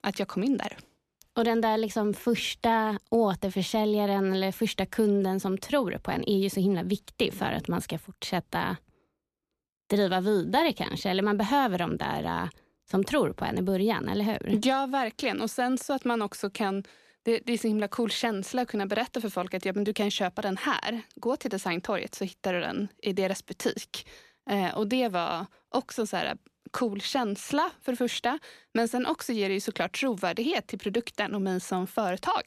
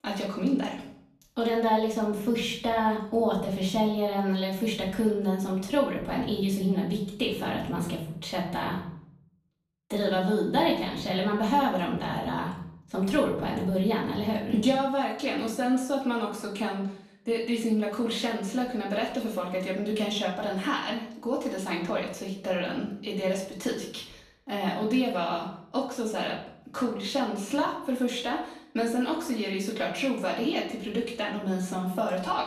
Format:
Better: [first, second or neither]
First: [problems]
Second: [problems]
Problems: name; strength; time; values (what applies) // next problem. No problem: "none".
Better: first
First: none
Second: room echo; noticeable; dies away in 0.6 s // off-mic speech; far